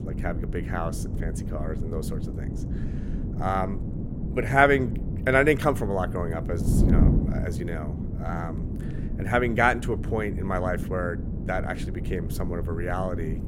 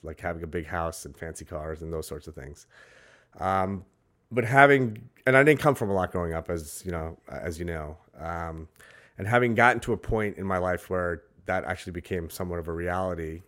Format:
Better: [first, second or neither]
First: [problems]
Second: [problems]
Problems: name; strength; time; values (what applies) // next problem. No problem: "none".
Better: second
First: wind noise on the microphone; occasional gusts; 15 dB below the speech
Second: none